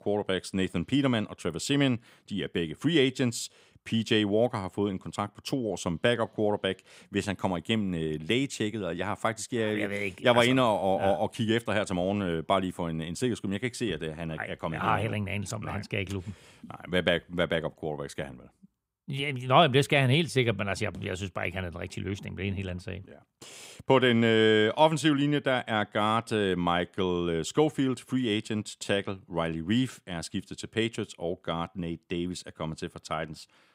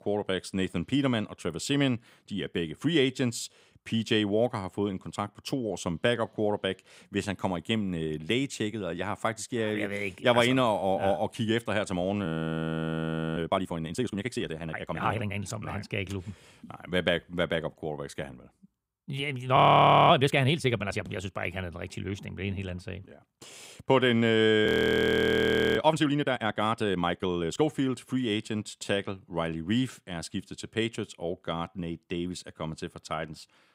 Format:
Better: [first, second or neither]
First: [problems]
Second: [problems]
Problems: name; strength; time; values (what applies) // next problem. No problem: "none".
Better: first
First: none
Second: audio freezing; at 12 s for 1 s, at 20 s for 0.5 s and at 25 s for 1 s